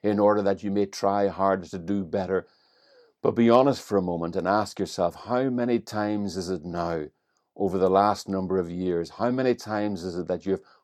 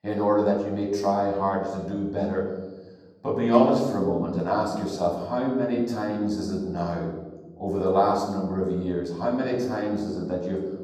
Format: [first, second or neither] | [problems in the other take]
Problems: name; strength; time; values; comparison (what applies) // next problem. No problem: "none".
first | off-mic speech; far // room echo; noticeable; dies away in 1.1 s